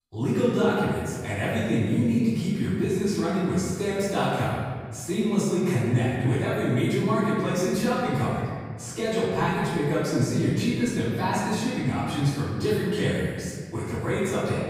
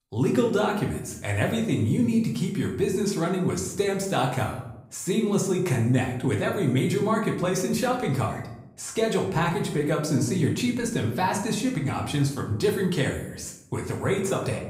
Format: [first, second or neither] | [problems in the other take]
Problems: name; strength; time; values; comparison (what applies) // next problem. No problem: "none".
second | room echo; strong; dies away in 1.8 s; slight in the second // off-mic speech; far; somewhat distant in the second